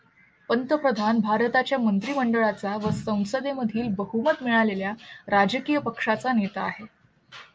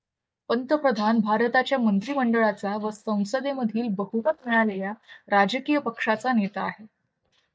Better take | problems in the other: first | noise reduction (neural mask model DeepFilterNet 3)

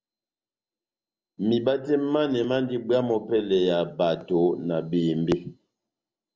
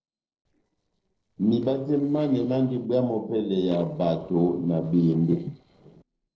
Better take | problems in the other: first | noise reduction (neural separator model SepFormer DNS4)

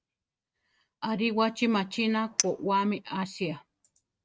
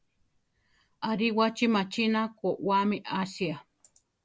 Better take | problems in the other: second | noise reduction (neural mask model RNNoise)

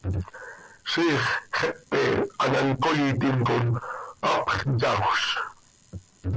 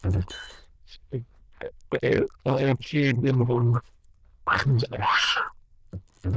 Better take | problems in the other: first | noise reduction (neural diffusion model UNIVERSE++)

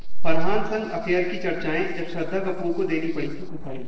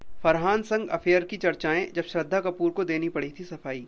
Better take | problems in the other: second | noise reduction (neural separator model SepFormer DNS4)

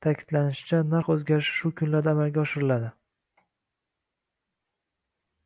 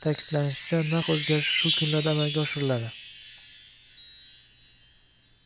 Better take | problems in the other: first | background sound (Wind chime); 5 dB below the speech

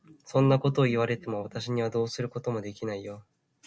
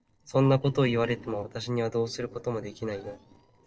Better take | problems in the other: first | noise reduction (neural separator model SepFormer DNS4)

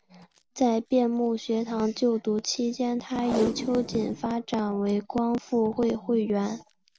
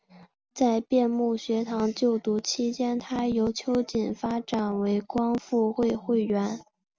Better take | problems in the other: second | background sound (Packing tape, duct tape); 14 dB below the speech

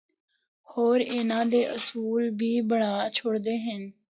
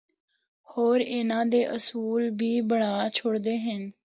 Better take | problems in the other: second | noise reduction (classical method log-MMSE)

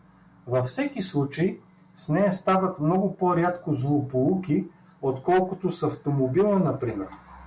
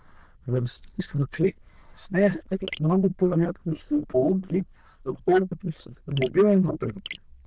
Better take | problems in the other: first | noise reduction (neural diffusion model UNIVERSE++)

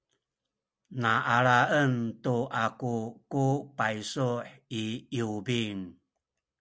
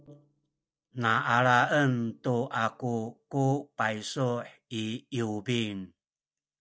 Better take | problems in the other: first | noise reduction (neural mask model DeepFilterNet 3)

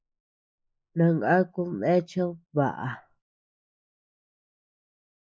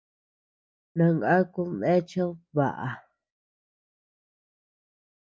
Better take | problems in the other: second | noise reduction (neural mask model Resemble Enhance denoiser)

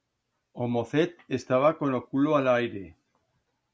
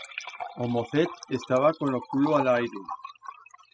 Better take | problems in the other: first | noise reduction (classical method spectral subtraction)

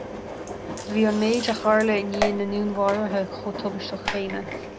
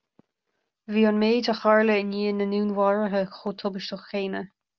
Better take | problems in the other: second | background sound (Engine); 7 dB below the speech

